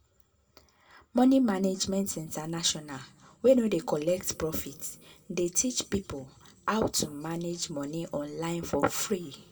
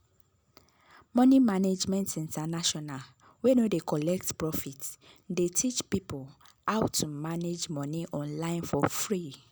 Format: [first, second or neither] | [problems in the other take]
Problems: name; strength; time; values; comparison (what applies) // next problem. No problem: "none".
second | room echo; dies away in 1.2 s